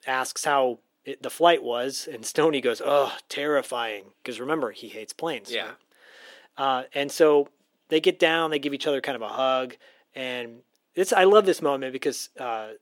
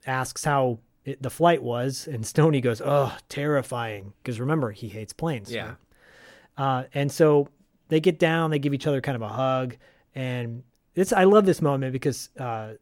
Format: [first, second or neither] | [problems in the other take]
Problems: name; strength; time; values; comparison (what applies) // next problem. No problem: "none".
second | thin; somewhat; fading below 300 Hz